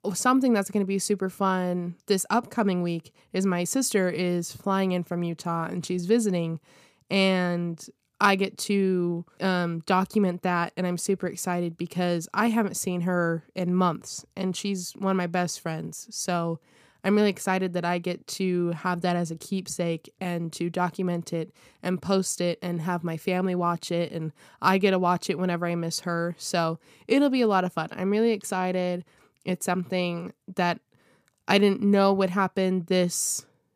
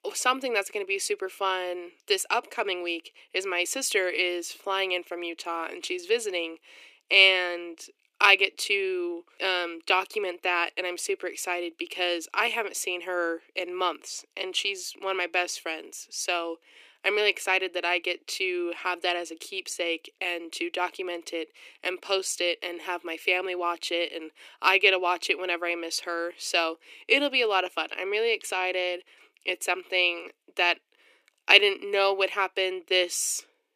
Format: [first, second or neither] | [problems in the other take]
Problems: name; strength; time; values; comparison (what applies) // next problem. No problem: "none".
first | thin; very; fading below 300 Hz